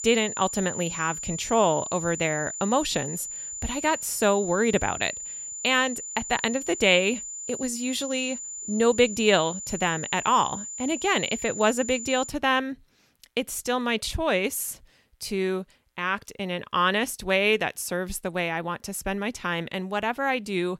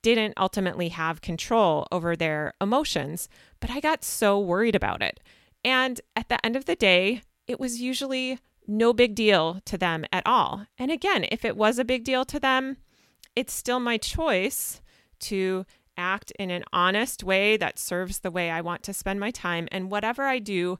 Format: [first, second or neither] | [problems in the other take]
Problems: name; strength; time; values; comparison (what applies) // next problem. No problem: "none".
second | high-pitched whine; loud; until 12 s; 7 kHz, 7 dB below the speech